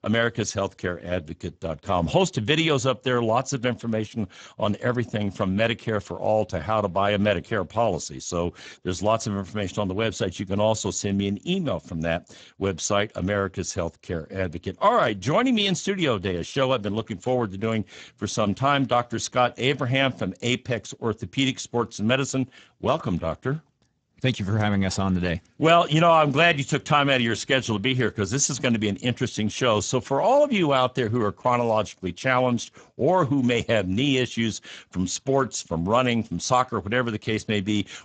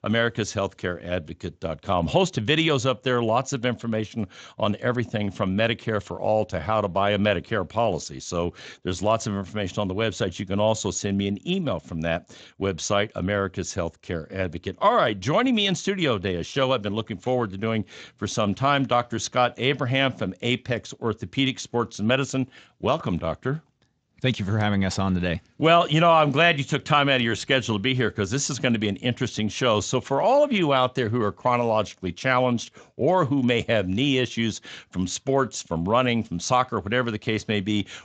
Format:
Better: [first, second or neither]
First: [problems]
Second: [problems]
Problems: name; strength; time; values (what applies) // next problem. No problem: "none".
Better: second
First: garbled, watery; badly; nothing above 7.5 kHz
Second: garbled, watery; slightly; nothing above 7.5 kHz